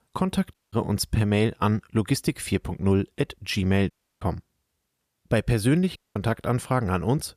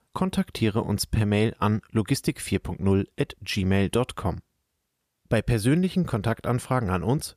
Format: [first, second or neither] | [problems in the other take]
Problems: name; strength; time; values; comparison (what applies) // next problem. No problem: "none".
second | audio cutting out; at 0.5 s, at 4 s and at 6 s